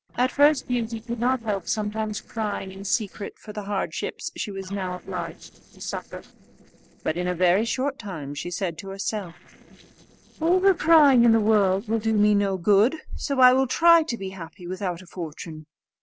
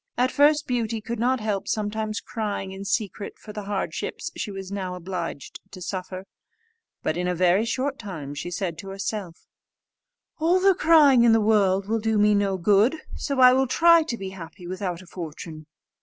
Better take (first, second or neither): second